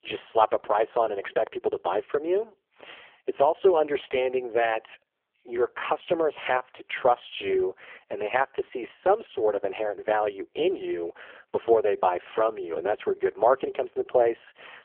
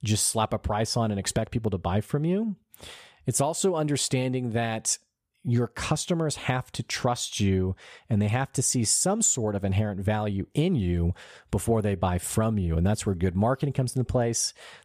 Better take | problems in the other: second | phone-call audio; poor line; nothing above 3.5 kHz

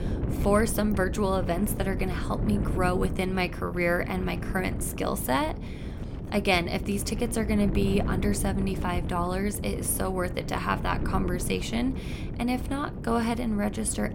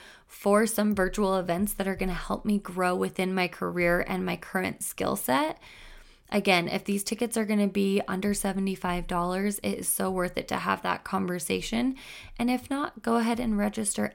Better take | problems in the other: second | wind noise on the microphone; occasional gusts; 10 dB below the speech

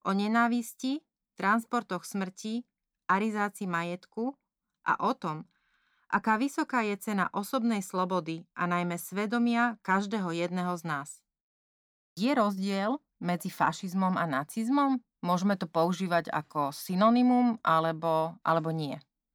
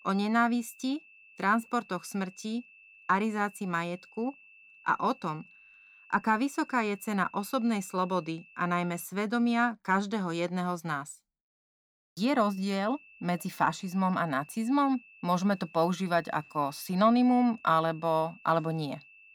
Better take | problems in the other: first | high-pitched whine; faint; until 9 s and from 12 s on; 2.5 kHz, 25 dB below the speech

